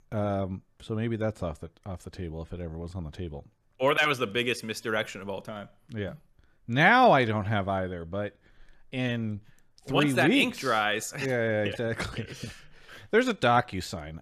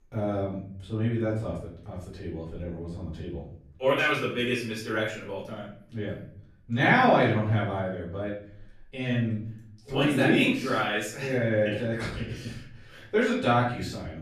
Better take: first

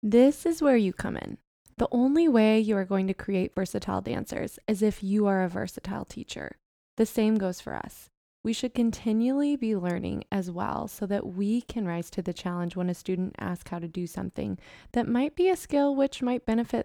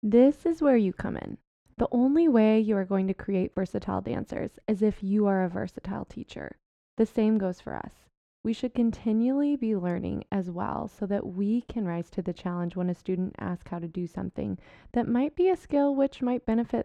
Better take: first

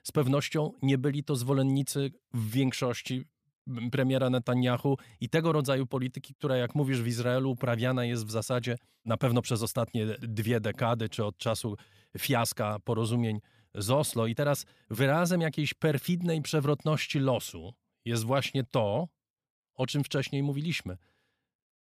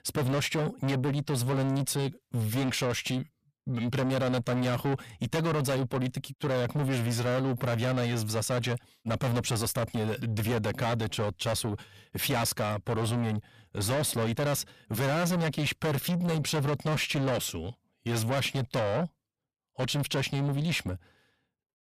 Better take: first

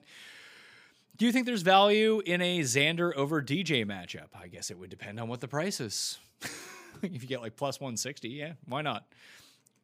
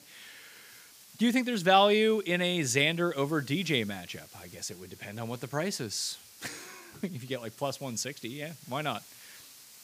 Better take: first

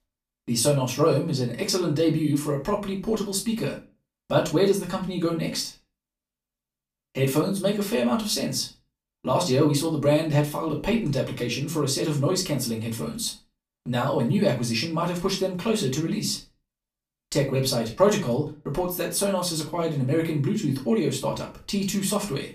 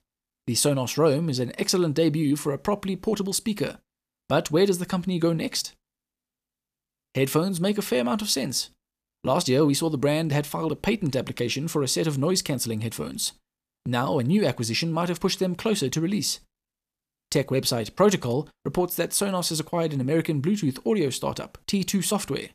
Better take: second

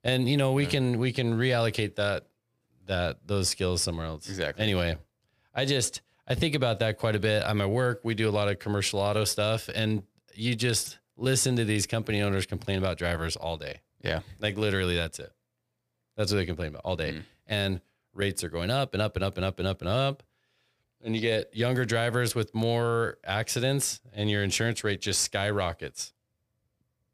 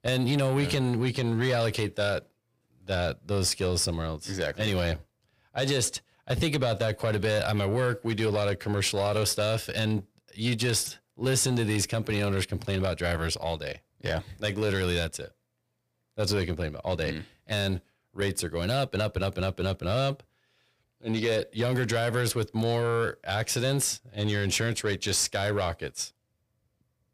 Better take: first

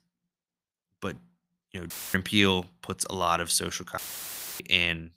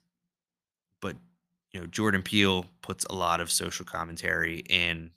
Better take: second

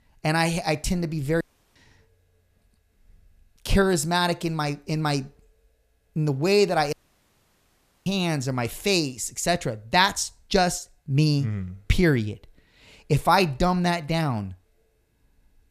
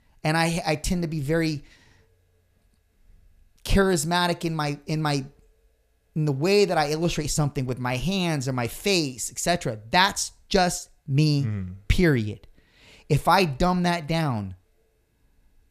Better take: second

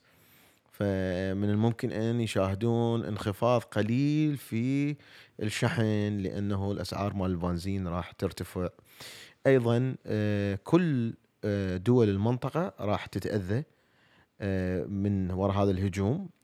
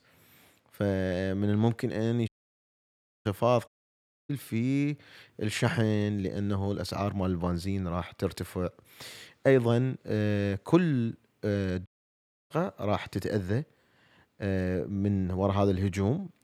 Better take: first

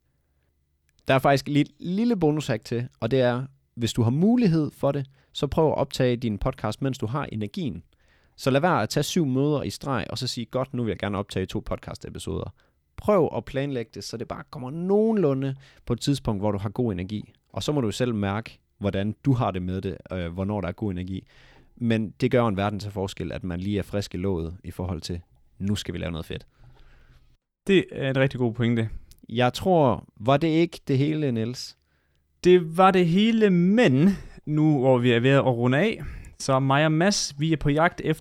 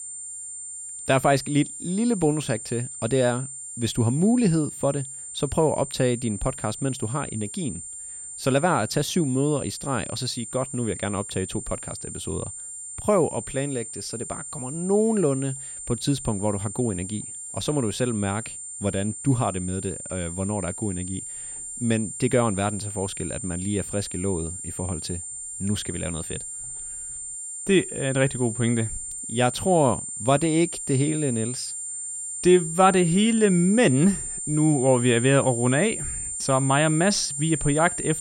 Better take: first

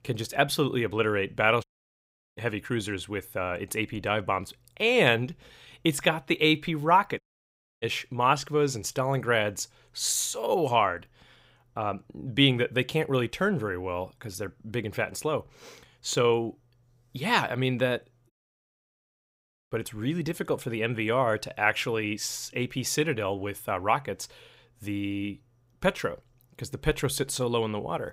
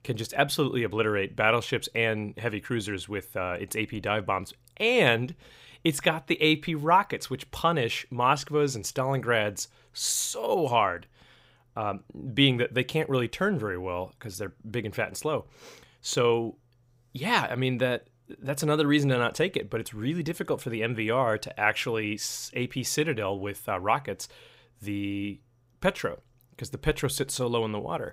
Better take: second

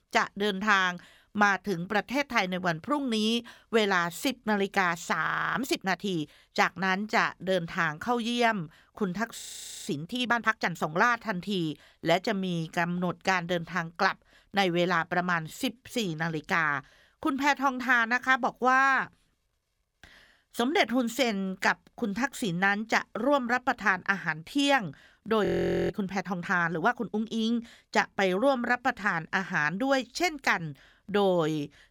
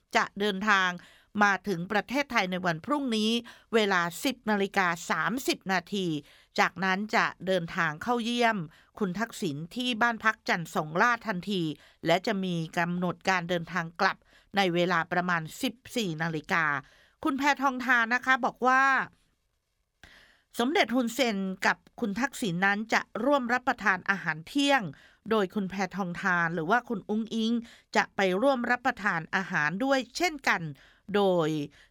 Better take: second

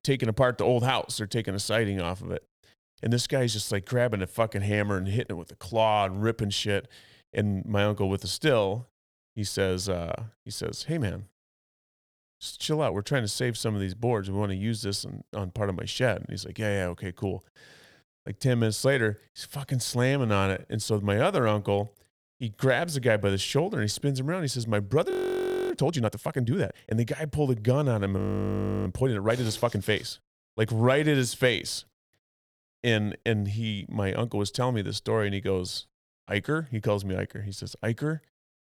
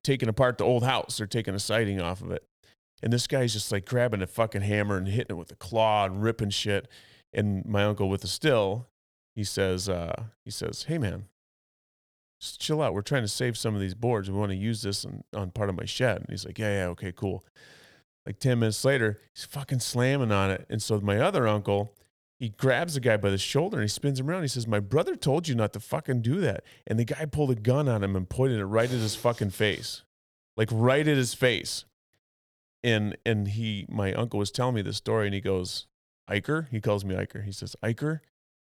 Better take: second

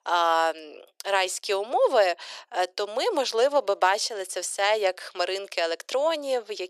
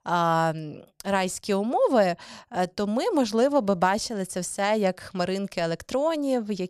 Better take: second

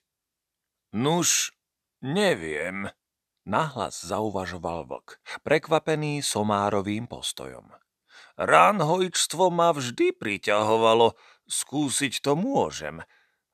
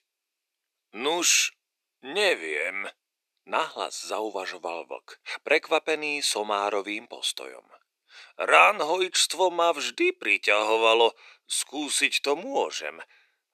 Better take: first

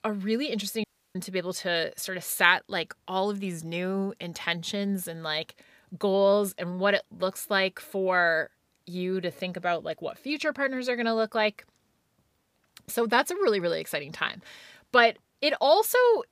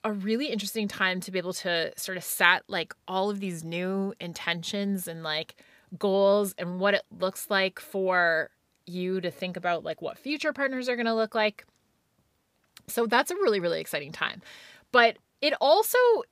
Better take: second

